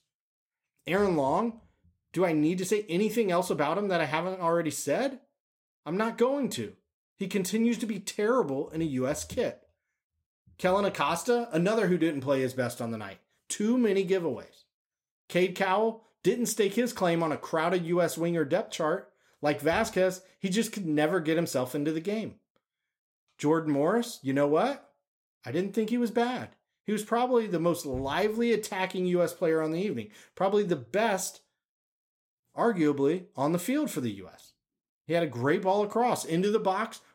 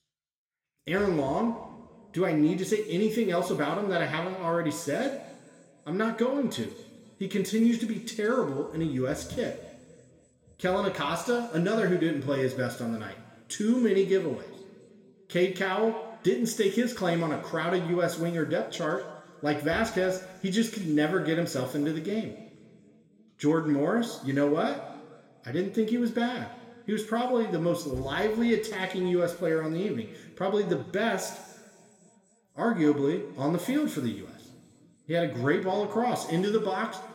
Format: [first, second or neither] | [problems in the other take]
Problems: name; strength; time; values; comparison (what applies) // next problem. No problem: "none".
first | room echo; slight; dies away in 1.6 s